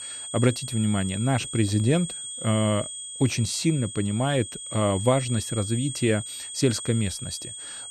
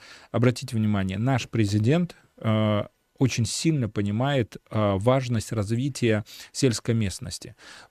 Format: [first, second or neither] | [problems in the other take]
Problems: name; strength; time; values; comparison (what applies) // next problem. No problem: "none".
second | high-pitched whine; loud; throughout; 8.5 kHz, 8 dB below the speech